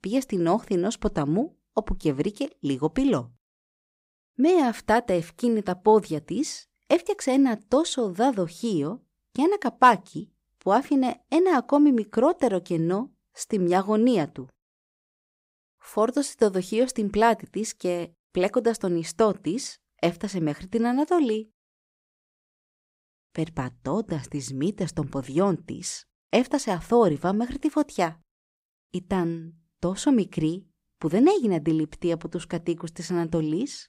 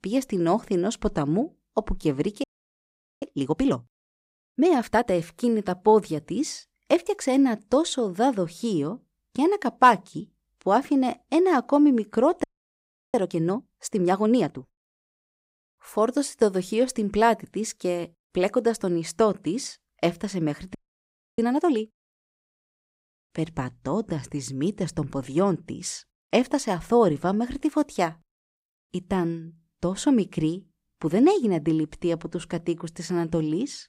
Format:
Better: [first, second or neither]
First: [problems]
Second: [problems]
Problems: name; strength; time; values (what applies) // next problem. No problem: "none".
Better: first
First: none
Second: audio freezing; at 2.5 s for 1 s, at 12 s for 0.5 s and at 21 s for 0.5 s